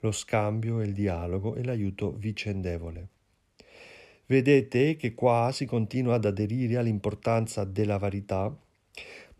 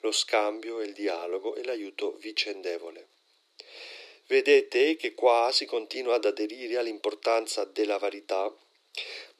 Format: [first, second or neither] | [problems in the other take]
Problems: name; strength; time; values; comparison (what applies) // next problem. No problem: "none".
first | thin; very; fading below 300 Hz